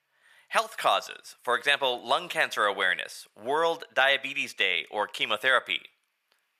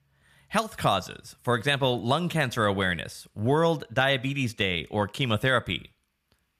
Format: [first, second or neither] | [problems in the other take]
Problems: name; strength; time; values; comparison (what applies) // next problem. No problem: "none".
second | thin; very; fading below 600 Hz